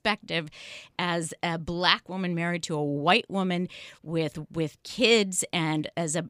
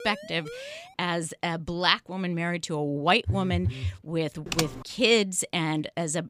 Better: first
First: none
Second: siren; faint; at the start; peak 15 dB below the speech // phone ringing; noticeable; at 3.5 s; peak 3 dB below the speech // keyboard typing; noticeable; at 4.5 s; peak 3 dB below the speech

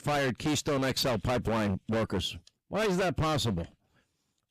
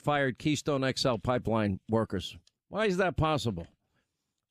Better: second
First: distortion; heavy; 24% of the sound clipped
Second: none

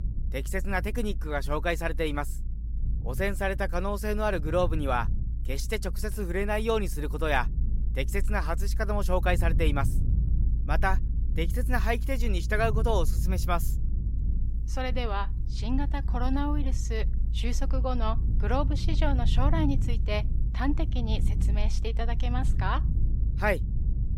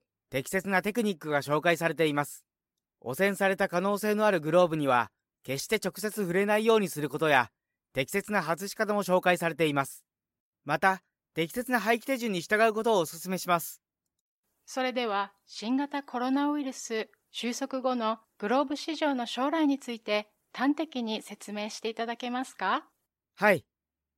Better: second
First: low rumble; noticeable; throughout; 15 dB below the speech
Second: none

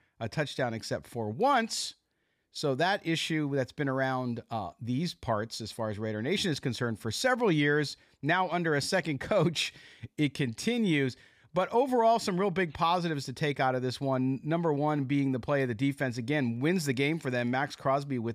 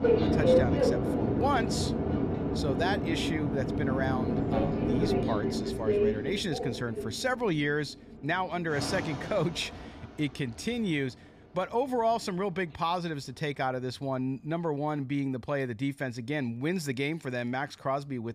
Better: first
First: none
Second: train or aircraft noise; very loud; throughout; 3 dB above the speech

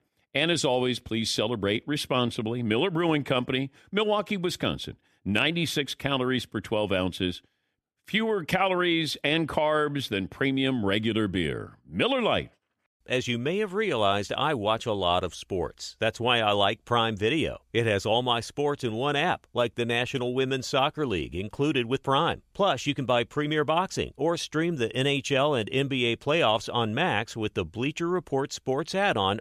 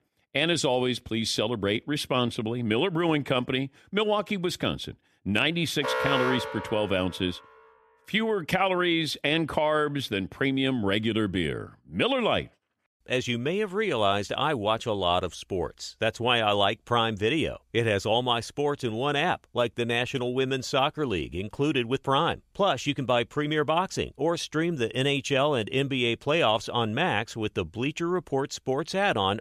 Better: first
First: none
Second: alarm; noticeable; from 6 to 7 s; peak level with the speech

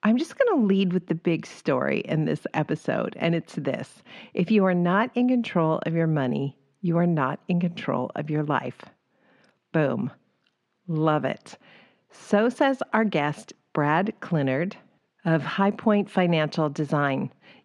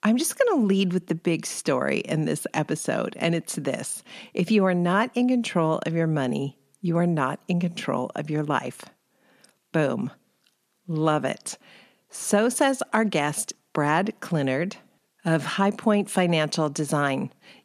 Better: second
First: muffled; slightly; fading above 3 kHz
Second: none

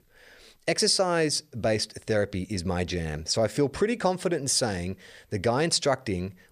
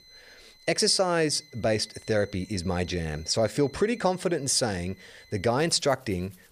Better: first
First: none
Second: background music; faint; throughout; 25 dB below the speech

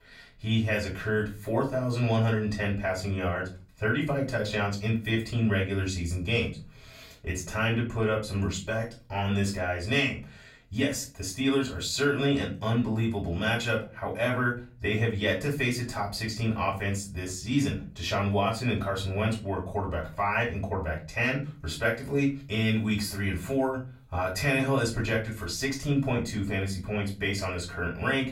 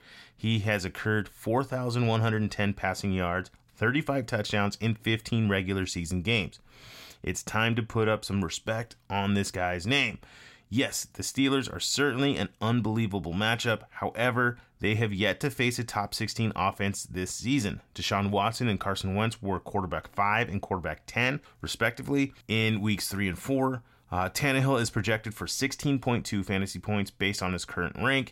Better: second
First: room echo; slight; dies away in 0.3 s // off-mic speech; far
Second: none

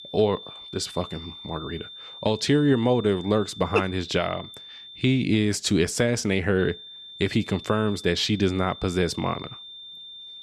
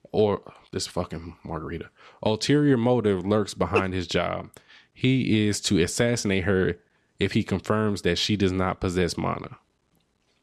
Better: second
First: high-pitched whine; noticeable; until 5 s and from 6.5 s on; 3.5 kHz, 15 dB below the speech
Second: none

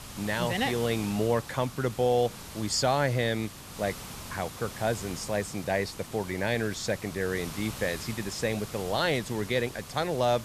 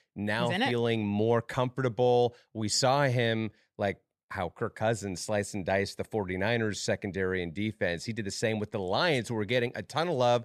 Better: second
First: hiss; noticeable; throughout; 10 dB below the speech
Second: none

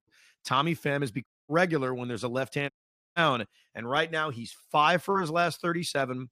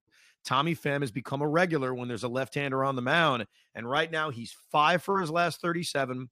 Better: second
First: audio cutting out; at 1.5 s and at 2.5 s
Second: none

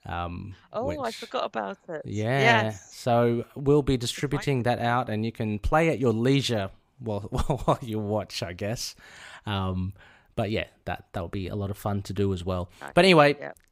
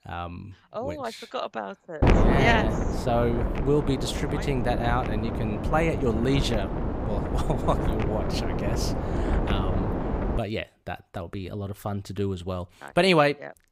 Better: first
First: none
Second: wind noise on the microphone; heavy; from 2 to 10 s; 3 dB below the speech

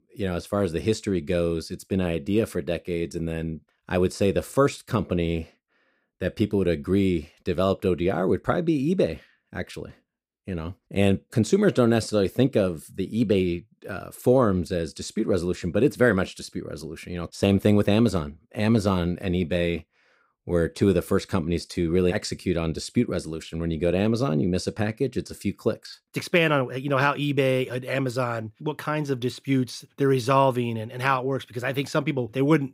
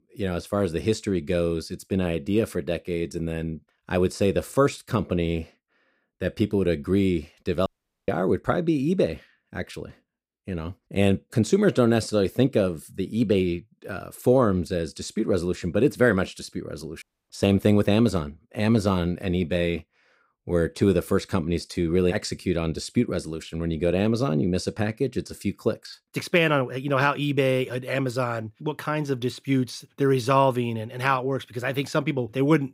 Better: first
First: none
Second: audio cutting out; at 7.5 s and at 17 s

